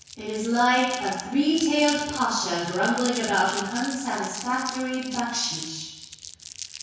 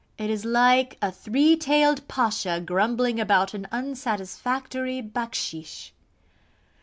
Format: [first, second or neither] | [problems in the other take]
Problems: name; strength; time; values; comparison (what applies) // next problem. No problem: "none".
second | background sound (Crumpling, crinkling); 13 dB below the speech // room echo; dies away in 1.1 s